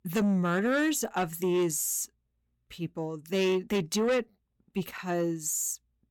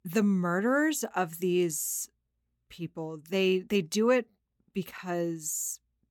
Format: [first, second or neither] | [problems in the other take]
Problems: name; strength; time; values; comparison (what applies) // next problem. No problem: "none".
second | distortion; slight; 10 dB below the speech